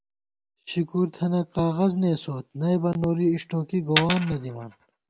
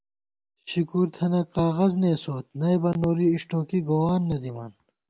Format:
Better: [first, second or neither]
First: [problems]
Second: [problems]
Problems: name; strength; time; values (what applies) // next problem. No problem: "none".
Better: second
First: background sound (Coin (dropping)); 5 dB below the speech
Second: none